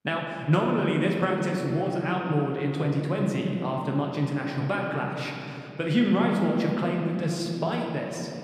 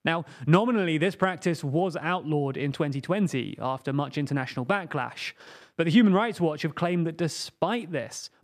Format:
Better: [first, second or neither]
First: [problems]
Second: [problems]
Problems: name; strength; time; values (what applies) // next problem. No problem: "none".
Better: second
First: room echo; noticeable; dies away in 2.8 s // off-mic speech; somewhat distant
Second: none